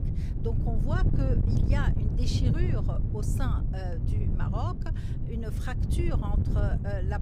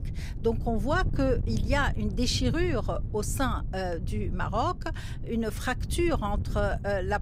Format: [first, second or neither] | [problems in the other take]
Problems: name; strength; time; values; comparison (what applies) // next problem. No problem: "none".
second | wind noise on the microphone; heavy; 2 dB below the speech; occasional gusts in the second